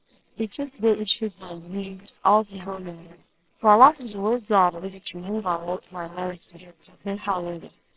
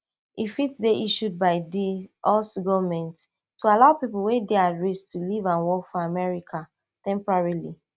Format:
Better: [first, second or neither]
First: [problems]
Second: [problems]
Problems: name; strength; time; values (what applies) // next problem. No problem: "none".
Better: second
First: noise reduction (neural separator model SepFormer WHAMR!)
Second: none